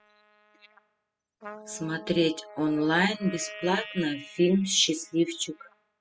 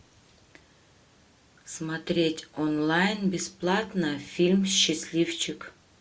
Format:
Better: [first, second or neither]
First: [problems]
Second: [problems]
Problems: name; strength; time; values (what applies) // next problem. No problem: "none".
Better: second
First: noise reduction (classical method spectral subtraction)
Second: none